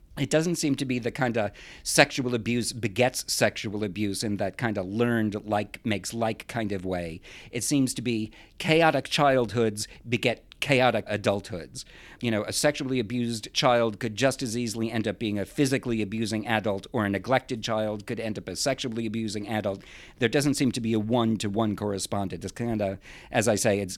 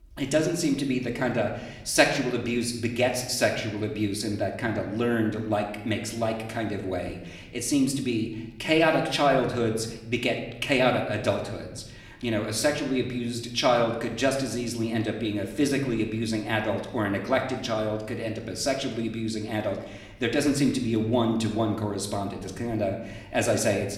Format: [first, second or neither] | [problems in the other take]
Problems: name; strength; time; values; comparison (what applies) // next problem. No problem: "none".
first | room echo; slight; dies away in 0.8 s // off-mic speech; somewhat distant